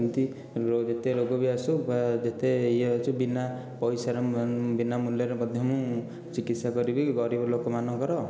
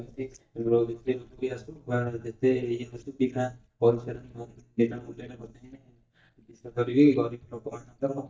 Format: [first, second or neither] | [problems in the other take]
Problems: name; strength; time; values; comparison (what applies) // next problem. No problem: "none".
first | noise reduction (neural mask model DeepFilterNet 3)